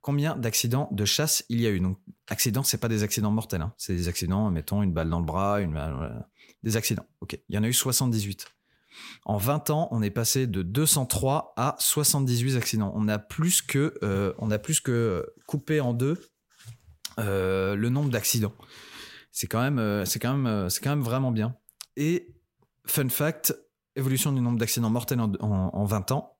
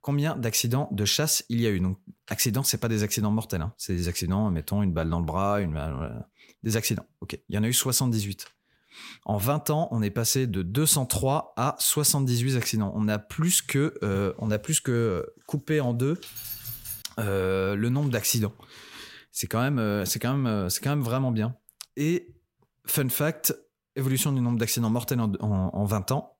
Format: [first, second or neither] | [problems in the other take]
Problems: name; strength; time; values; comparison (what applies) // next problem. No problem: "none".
first | jangling keys; noticeable; at 16 s; peak 8 dB below the speech